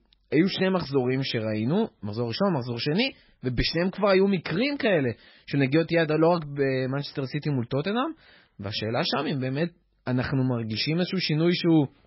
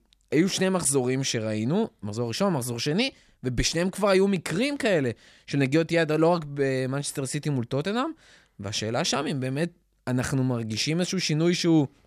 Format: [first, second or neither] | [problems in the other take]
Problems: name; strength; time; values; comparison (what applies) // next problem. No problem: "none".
second | garbled, watery; badly; nothing above 5.5 kHz